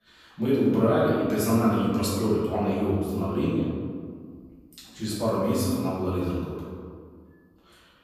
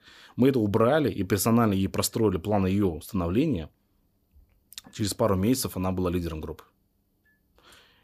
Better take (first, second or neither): second